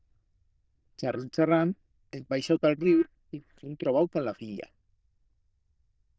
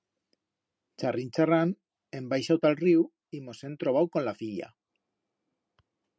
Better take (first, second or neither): second